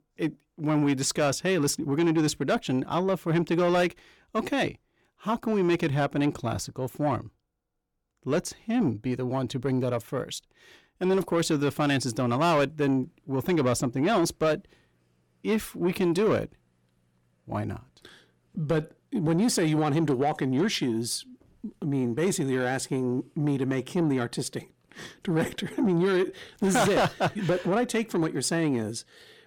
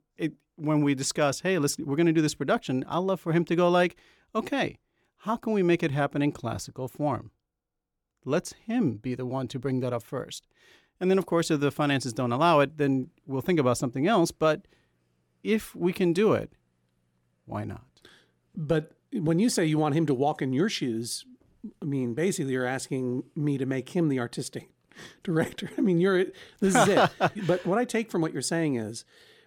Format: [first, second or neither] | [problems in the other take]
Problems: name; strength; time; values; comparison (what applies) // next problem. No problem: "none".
second | distortion; slight; 10 dB below the speech